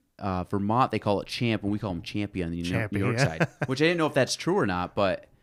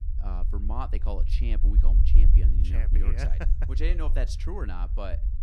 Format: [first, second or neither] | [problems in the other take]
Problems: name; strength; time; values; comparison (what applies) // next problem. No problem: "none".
first | low rumble; loud; throughout; 7 dB below the speech